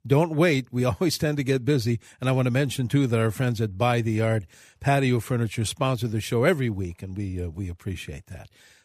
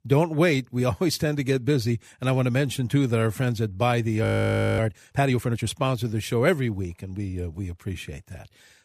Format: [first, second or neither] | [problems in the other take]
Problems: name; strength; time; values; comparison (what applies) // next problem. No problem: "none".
first | audio freezing; at 4 s for 0.5 s